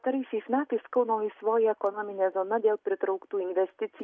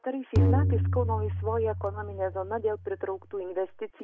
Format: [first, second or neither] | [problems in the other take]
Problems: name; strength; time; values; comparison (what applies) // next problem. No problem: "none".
first | background sound (Tabla); 3 dB above the speech